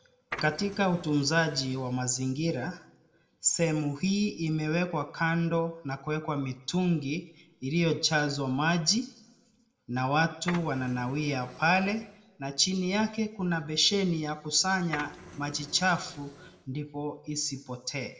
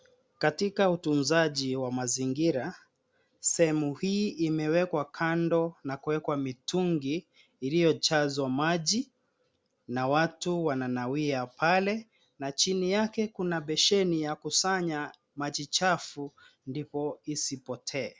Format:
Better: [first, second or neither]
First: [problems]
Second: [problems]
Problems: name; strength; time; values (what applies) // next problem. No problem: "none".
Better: second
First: background sound (Printer); 14 dB below the speech // room echo; dies away in 0.6 s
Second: none